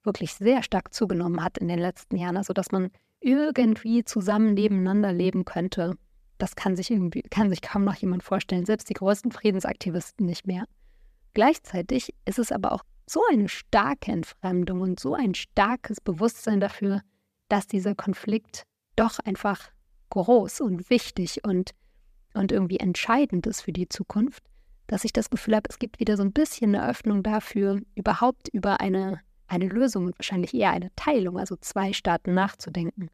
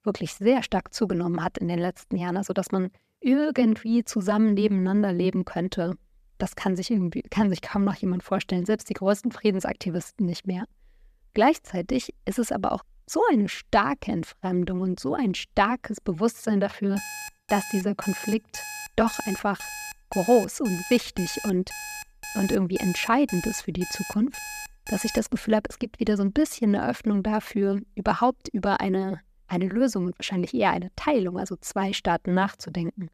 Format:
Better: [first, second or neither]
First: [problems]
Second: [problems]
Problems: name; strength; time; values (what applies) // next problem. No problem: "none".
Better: first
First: none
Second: alarm; noticeable; from 17 to 25 s; peak 9 dB below the speech